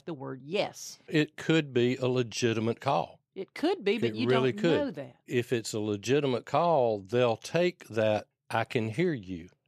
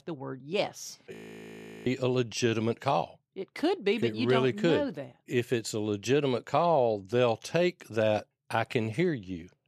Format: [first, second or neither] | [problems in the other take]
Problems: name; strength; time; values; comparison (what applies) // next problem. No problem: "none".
first | audio freezing; at 1 s for 0.5 s